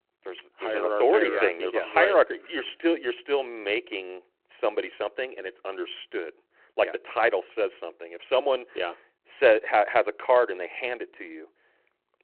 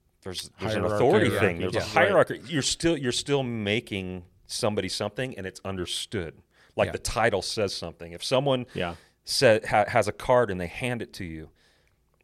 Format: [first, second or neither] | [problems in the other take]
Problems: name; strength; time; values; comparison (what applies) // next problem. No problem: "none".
second | phone-call audio